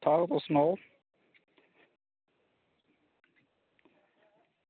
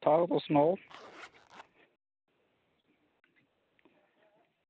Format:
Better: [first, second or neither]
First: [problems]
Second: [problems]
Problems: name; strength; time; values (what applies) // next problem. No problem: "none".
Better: first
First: none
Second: background sound (Zipper (clothing)); 18 dB below the speech